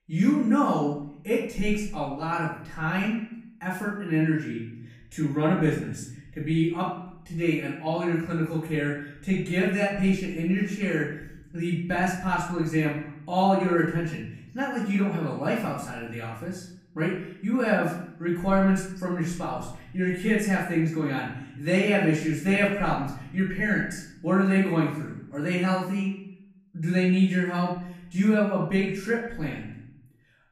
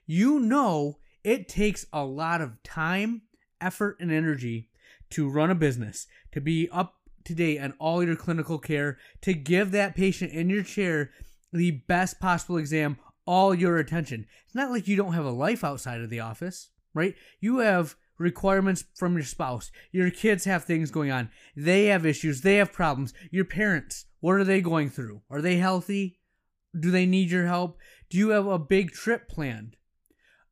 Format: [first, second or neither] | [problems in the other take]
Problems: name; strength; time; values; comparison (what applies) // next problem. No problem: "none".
second | off-mic speech; far // room echo; noticeable; dies away in 0.7 s